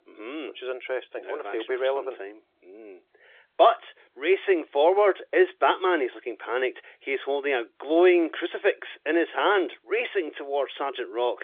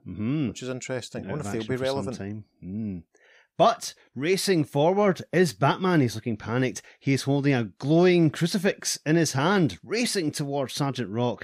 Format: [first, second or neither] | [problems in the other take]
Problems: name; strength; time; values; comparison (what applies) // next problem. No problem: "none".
second | phone-call audio; nothing above 3.5 kHz